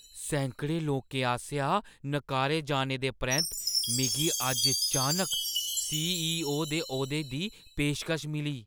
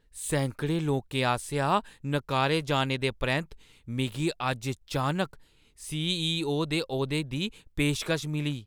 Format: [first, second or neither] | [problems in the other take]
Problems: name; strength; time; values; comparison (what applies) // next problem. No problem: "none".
second | background sound (Chime); 3 dB below the speech